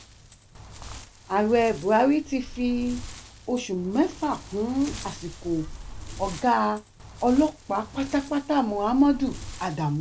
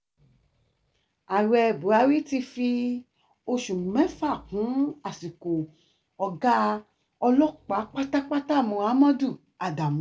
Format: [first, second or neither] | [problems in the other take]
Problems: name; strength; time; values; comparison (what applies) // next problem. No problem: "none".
second | background sound (Wind); 15 dB below the speech